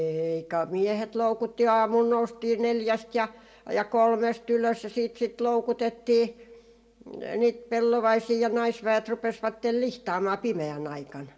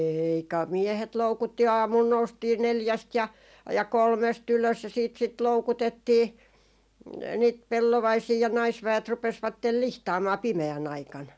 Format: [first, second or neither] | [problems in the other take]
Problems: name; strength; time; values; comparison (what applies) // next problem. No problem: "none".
second | room echo; dies away in 0.8 s